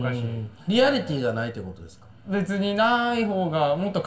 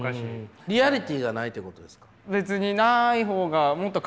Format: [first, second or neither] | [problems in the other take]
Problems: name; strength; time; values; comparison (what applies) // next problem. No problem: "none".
second | room echo; dies away in 0.2 s